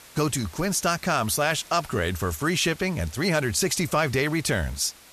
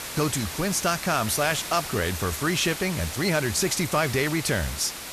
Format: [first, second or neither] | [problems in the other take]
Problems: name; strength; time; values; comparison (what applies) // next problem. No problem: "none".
first | hiss; loud; throughout; 8 dB below the speech; faint in the first